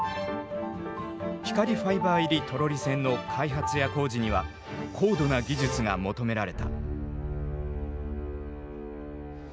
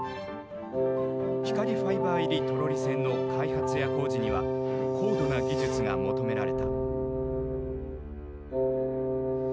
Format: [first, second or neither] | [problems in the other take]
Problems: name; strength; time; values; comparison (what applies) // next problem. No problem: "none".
first | background sound (Wind instrument, woodwind instrument); 5 dB above the speech